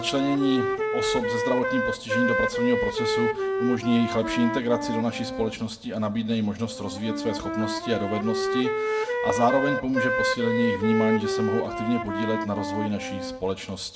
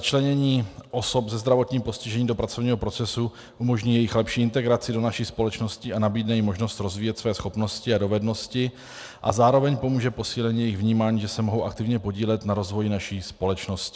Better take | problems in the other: second | background sound (Wind instrument, woodwind instrument); 1 dB below the speech // room echo; dies away in 0.4 s

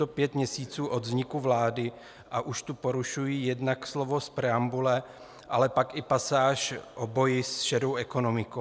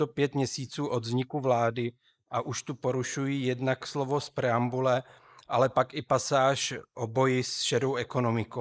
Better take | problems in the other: first | noise reduction (neural mask model Resemble Enhance denoiser)

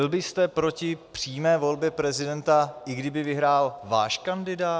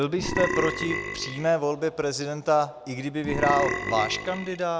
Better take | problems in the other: first | background sound (Burping, eructation); 3 dB below the speech

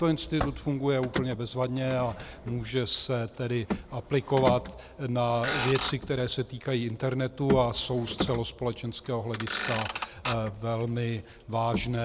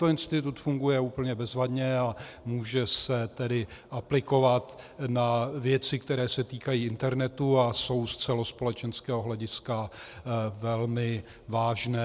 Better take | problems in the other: second | background sound (Motor vehicle (road)); 8 dB below the speech

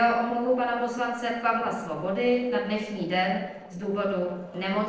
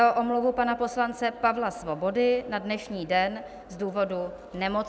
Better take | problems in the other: second | noise reduction (neural separator model SepFormer DNS4)

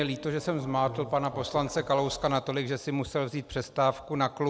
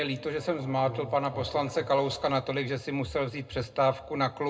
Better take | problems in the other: first | room echo; dies away in 0.2 s

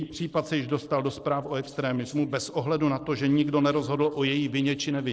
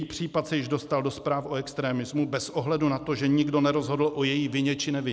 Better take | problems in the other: second | noise reduction (neural separator model SepFormer DNS4)

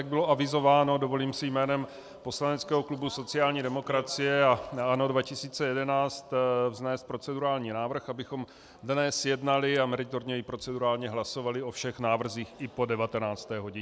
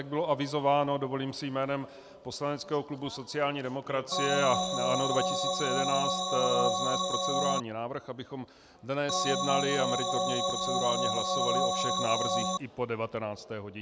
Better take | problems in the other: first | background sound (Organ); 3 dB above the speech

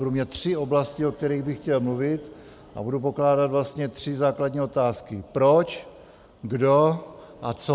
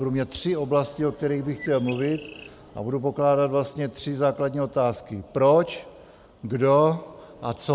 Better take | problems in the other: first | background sound (Bird); 19 dB below the speech

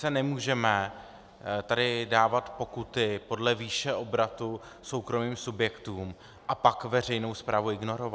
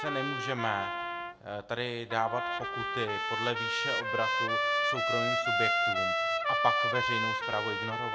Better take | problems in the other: first | background sound (Trumpet); 4 dB above the speech // room echo; dies away in 1.4 s

